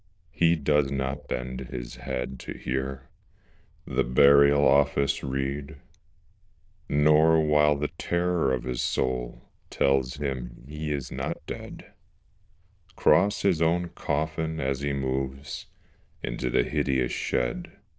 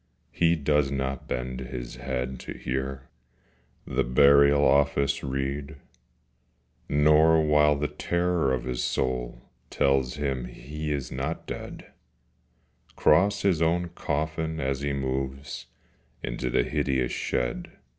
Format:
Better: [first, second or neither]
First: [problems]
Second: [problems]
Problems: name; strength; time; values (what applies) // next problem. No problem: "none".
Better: second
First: noise reduction (neural diffusion model UNIVERSE++)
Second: none